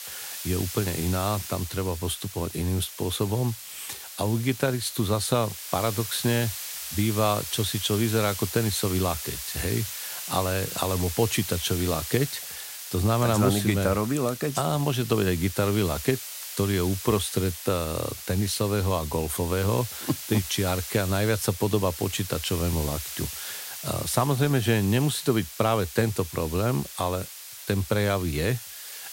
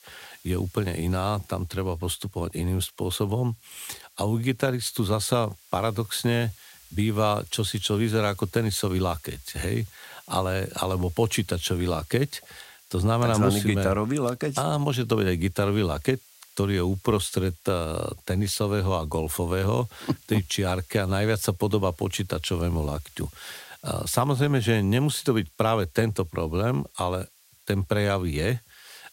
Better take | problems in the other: second | hiss; loud; throughout; 8 dB below the speech; faint in the second

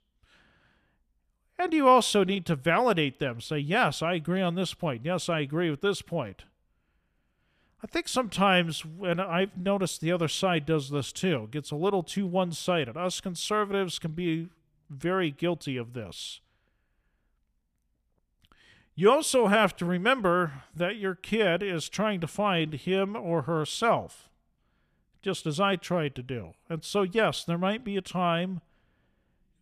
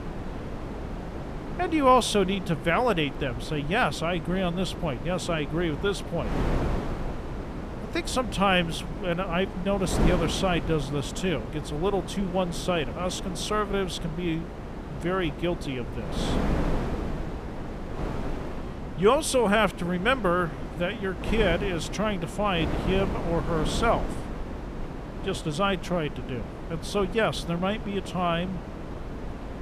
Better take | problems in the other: first | wind noise on the microphone; occasional gusts; 10 dB below the speech

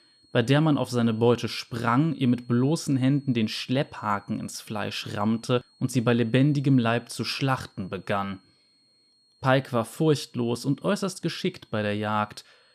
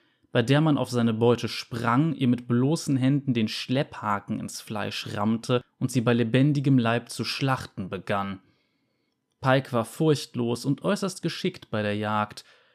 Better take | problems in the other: second | high-pitched whine; faint; throughout; 4.5 kHz, 35 dB below the speech

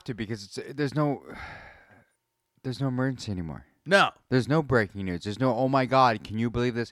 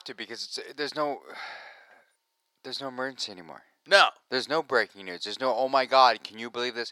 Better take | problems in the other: first | thin; very; fading below 600 Hz

